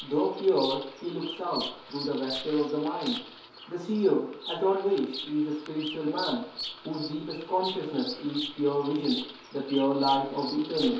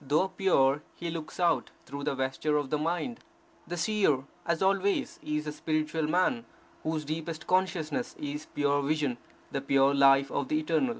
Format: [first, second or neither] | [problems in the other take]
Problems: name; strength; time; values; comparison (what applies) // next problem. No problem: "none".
second | background sound (Bird vocalization, bird call, bird song); 11 dB below the speech // room echo; dies away in 2.4 s